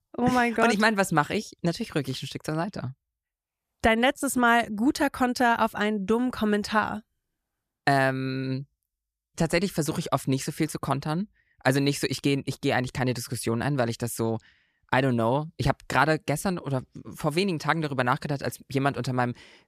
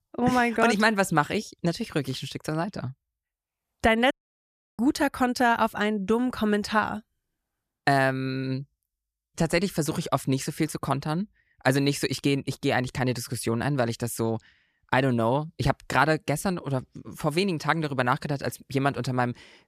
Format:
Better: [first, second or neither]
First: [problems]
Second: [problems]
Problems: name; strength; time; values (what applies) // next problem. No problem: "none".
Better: first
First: none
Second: audio cutting out; at 4 s for 0.5 s